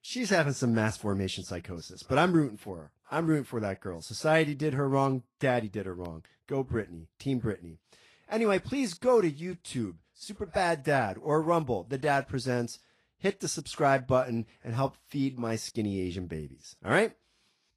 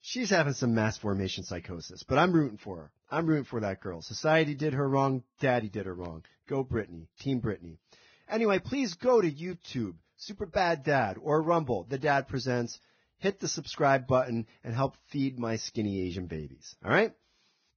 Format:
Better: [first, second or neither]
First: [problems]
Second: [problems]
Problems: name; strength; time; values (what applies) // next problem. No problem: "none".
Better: first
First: garbled, watery; slightly; nothing above 11.5 kHz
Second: garbled, watery; badly; nothing above 6.5 kHz